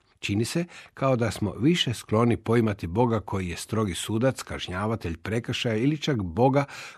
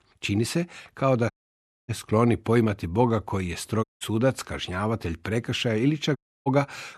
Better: first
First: none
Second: audio cutting out; at 1.5 s for 0.5 s, at 4 s and at 6 s

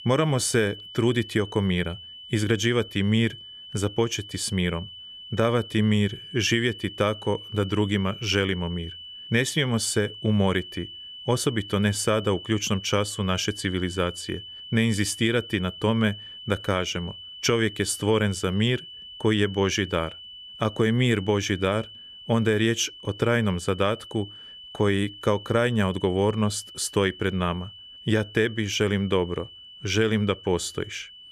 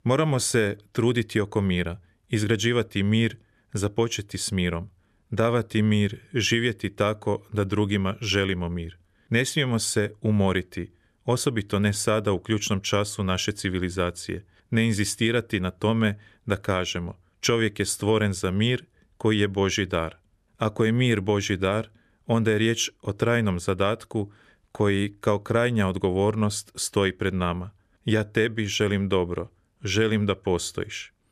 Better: second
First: high-pitched whine; noticeable; throughout; 3 kHz, 15 dB below the speech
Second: none

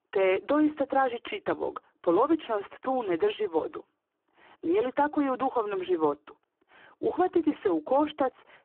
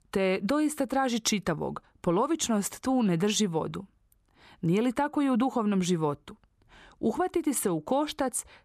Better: second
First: phone-call audio; poor line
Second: none

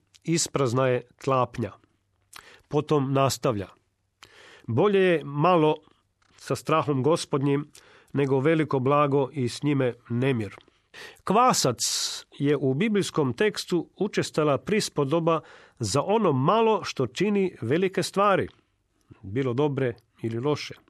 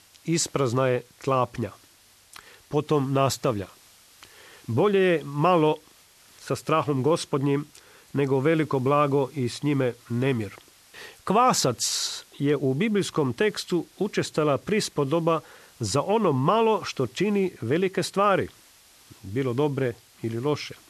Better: first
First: none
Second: hiss; faint; throughout; 30 dB below the speech

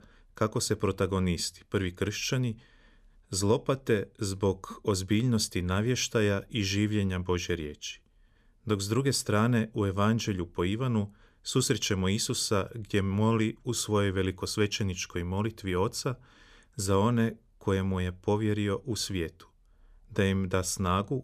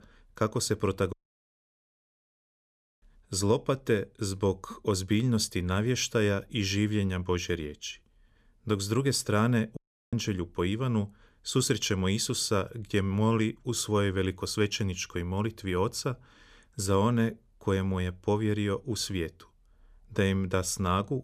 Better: first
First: none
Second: audio cutting out; at 1 s for 2 s and at 10 s

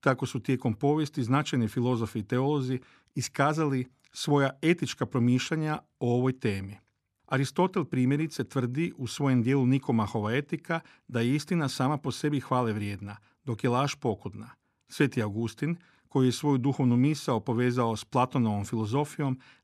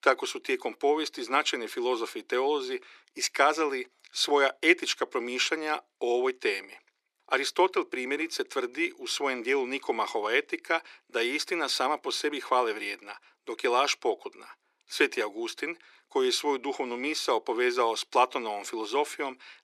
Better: first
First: none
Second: thin; very; fading below 350 Hz

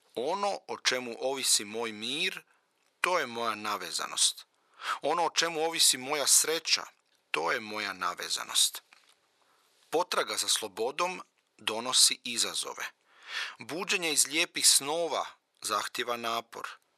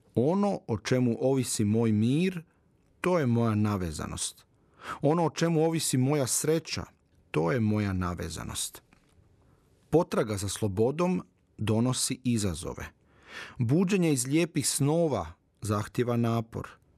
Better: second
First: thin; very; fading below 850 Hz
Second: none

